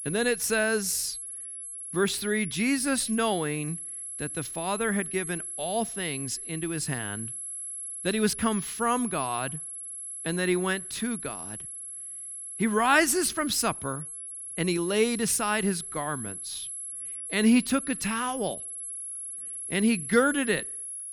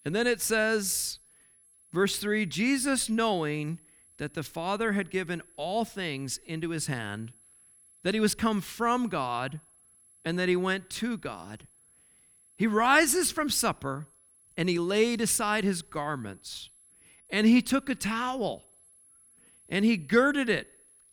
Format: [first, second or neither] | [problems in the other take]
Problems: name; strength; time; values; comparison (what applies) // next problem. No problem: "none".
second | high-pitched whine; loud; throughout; 11 kHz, 7 dB below the speech; faint in the second